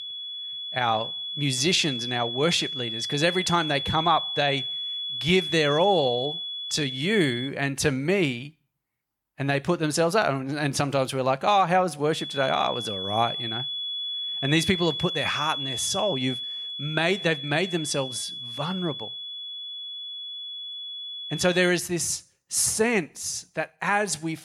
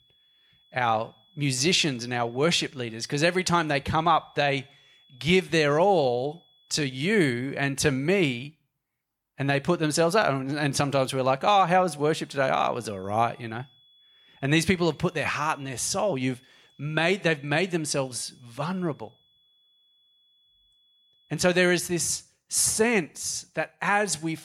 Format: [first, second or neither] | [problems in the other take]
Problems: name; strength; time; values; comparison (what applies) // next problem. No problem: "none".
second | high-pitched whine; loud; until 7.5 s and from 12 to 22 s; 3.5 kHz, 5 dB below the speech; faint in the second